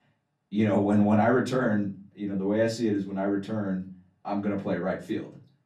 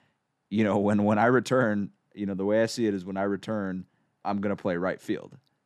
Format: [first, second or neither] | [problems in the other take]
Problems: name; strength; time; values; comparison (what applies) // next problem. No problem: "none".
second | off-mic speech; far // room echo; very slight; dies away in 0.3 s